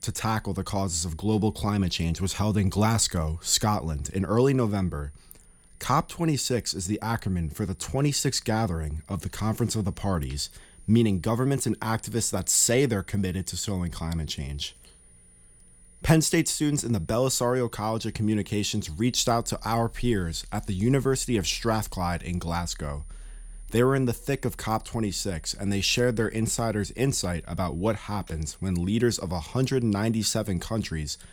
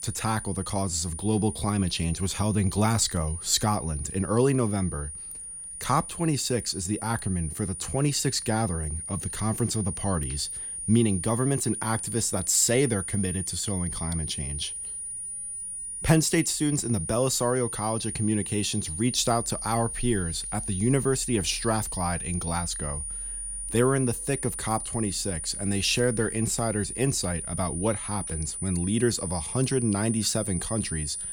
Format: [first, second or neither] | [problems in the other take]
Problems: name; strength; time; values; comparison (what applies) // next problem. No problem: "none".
first | high-pitched whine; loud; throughout; 9.5 kHz, 6 dB below the speech; faint in the first